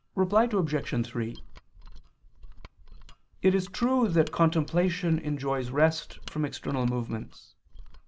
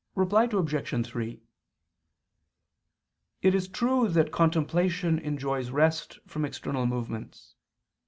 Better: second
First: background sound (Mechanisms); 15 dB below the speech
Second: none

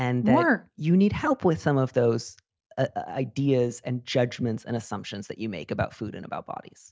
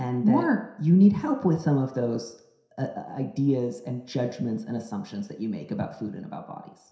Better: first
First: none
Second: room echo; dies away in 0.7 s

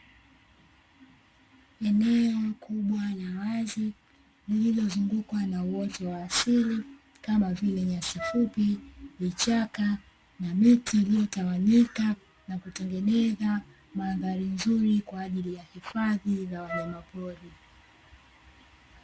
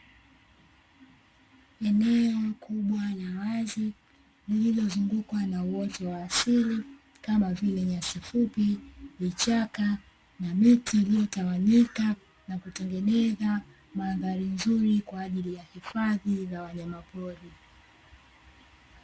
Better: second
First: background sound (Wind instrument, woodwind instrument); 11 dB below the speech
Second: none

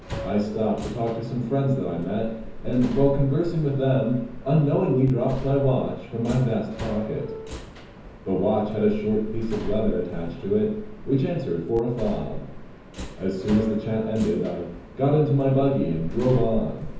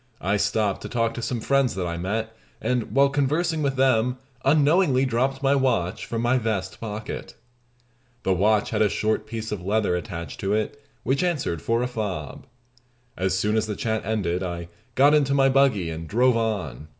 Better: second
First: background sound (Subway, metro, underground); 10 dB below the speech // room echo; dies away in 0.9 s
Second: none

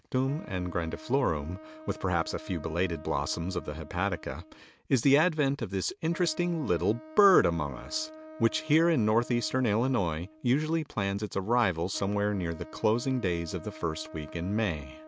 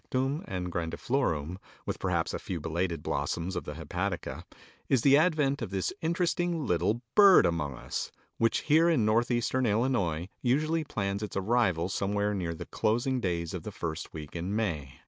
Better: second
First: background sound (Wind instrument, woodwind instrument); 19 dB below the speech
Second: none

